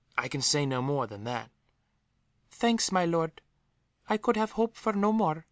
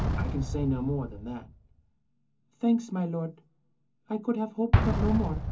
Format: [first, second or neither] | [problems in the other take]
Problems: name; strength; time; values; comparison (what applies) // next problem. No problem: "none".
first | background sound (Explosion); as loud as the speech // room echo; dies away in 0.3 s